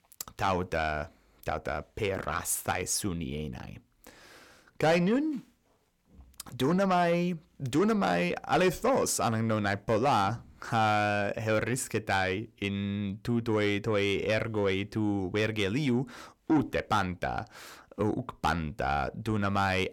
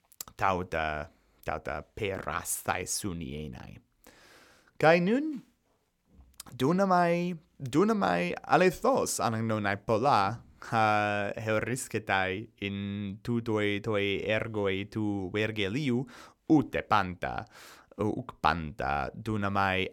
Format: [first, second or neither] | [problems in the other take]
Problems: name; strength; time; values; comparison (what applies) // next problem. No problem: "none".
second | distortion; slight; 10 dB below the speech